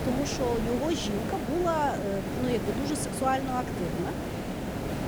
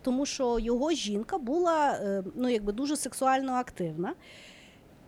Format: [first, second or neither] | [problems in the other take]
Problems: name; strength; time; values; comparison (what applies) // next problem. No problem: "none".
second | hiss; loud; throughout; 3 dB below the speech; faint in the second